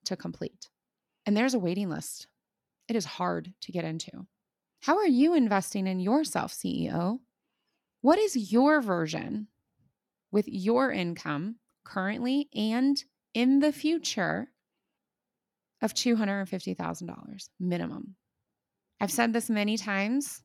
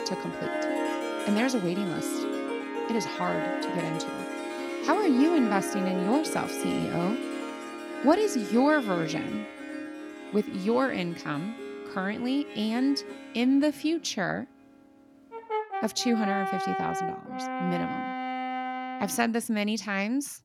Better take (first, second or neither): first